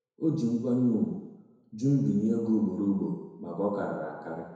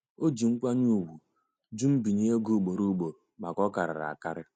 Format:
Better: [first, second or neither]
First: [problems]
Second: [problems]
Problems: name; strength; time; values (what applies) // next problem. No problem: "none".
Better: second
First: room echo; dies away in 1 s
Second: none